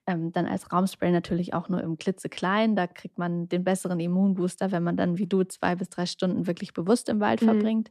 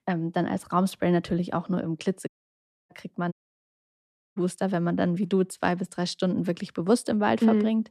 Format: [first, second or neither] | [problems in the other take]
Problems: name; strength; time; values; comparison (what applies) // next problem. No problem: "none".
first | audio cutting out; at 2.5 s for 0.5 s and at 3.5 s for 1 s